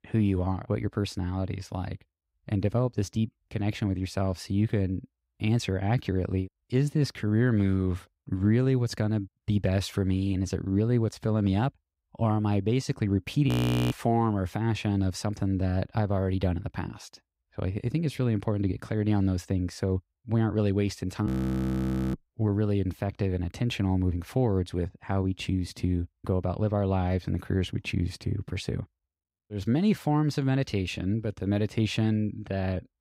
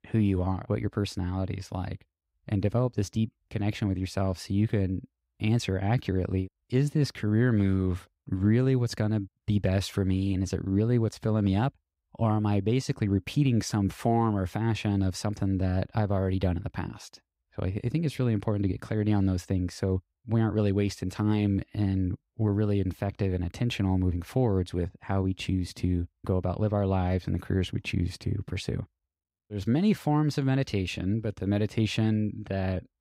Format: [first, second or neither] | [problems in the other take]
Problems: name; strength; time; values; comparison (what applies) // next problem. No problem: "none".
second | audio freezing; at 13 s and at 21 s for 1 s